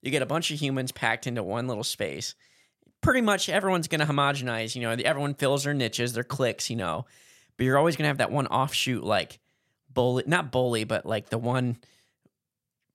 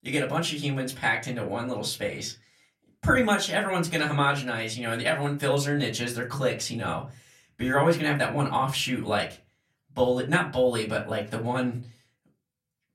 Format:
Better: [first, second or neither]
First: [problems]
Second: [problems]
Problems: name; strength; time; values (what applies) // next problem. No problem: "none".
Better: first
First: none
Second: off-mic speech; far // room echo; very slight; dies away in 0.2 s